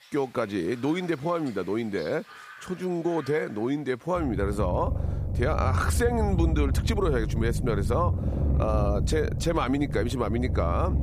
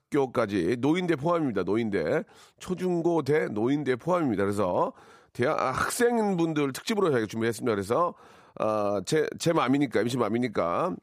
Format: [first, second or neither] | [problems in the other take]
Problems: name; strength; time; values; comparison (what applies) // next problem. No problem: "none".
second | animal sounds; loud; throughout; as loud as the speech